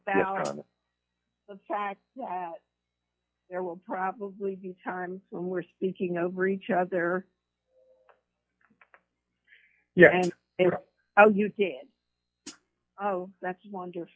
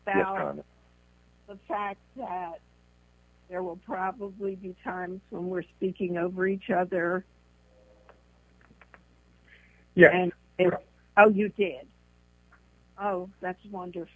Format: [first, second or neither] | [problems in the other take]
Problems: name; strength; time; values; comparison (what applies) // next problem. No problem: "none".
second | noise reduction (classical method log-MMSE)